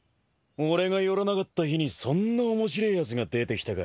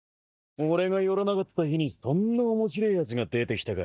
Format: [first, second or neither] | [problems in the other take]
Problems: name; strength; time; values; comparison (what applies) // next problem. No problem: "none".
first | noise reduction (neural mask model DeepFilterNet 3)